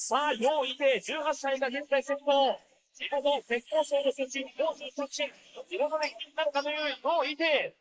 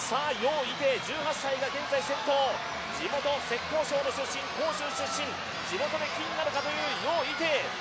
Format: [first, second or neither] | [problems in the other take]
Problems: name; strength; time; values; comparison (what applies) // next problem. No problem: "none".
second | noise reduction (neural mask model Resemble Enhance denoiser)